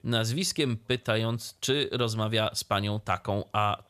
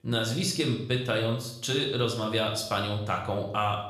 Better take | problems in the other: first | room echo; slight; dies away in 0.6 s // off-mic speech; somewhat distant

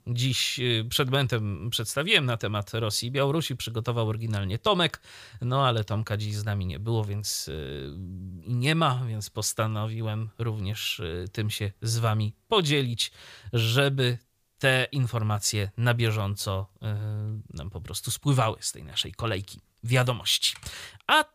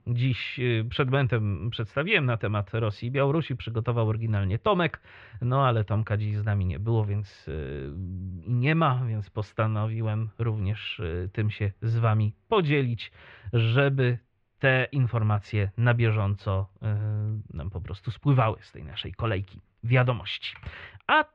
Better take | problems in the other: first | muffled; very; fading above 2.5 kHz

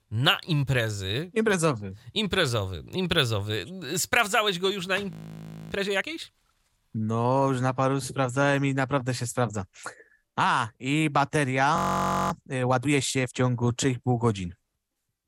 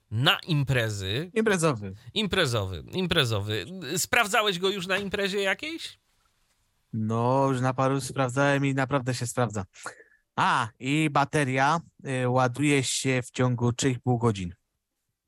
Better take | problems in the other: second | audio freezing; at 5 s for 0.5 s and at 12 s for 0.5 s

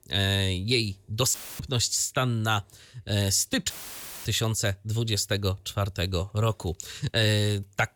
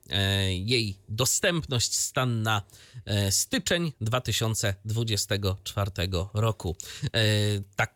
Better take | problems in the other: second | audio cutting out; filled with static; at 1.5 s and at 3.5 s for 0.5 s

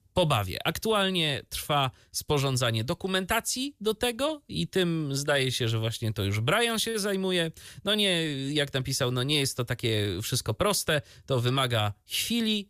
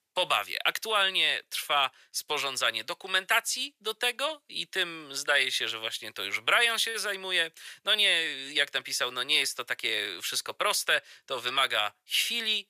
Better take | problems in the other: first | thin; very; fading below 600 Hz

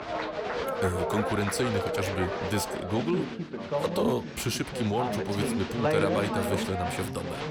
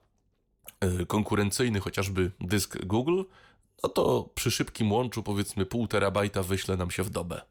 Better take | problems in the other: second | crowd noise; loud; throughout; as loud as the speech

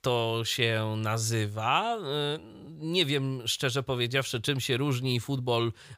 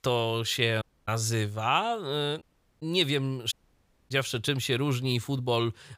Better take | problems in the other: first | audio cutting out; at 1 s, at 2.5 s and at 3.5 s for 0.5 s

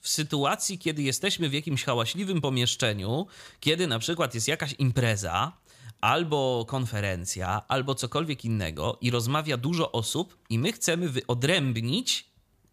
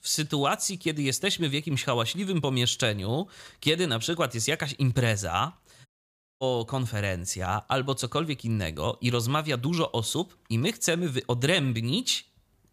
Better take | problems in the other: first | audio cutting out; at 6 s for 0.5 s

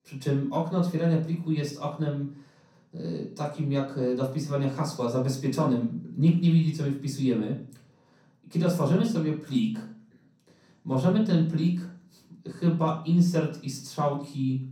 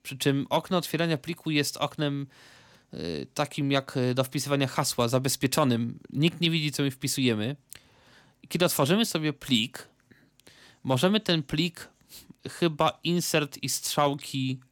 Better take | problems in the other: second | room echo; noticeable; dies away in 0.6 s // off-mic speech; far

